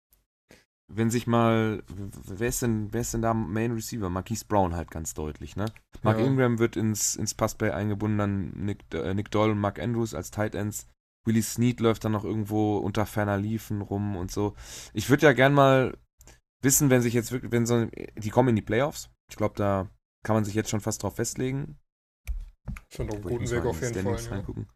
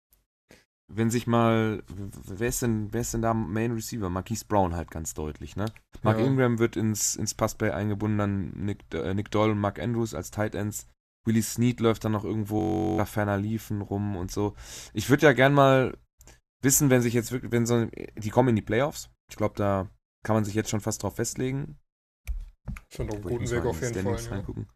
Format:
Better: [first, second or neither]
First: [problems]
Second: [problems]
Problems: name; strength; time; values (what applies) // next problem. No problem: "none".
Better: first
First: none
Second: audio freezing; at 13 s